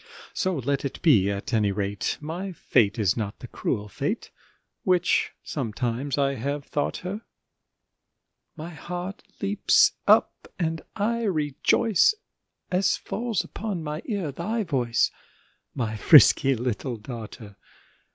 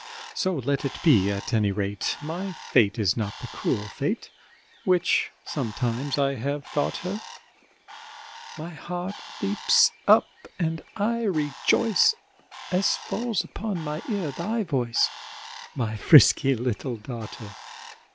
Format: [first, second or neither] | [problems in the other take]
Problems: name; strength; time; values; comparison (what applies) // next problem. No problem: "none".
first | background sound (Bird); 17 dB below the speech